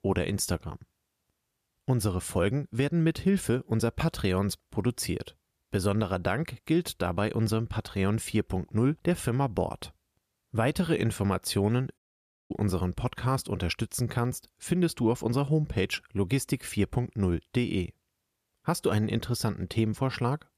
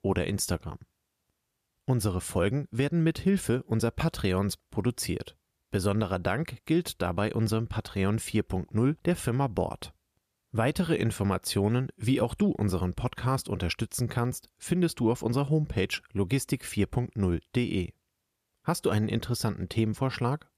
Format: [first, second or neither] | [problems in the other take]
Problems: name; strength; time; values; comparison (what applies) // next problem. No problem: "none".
second | audio cutting out; at 12 s for 0.5 s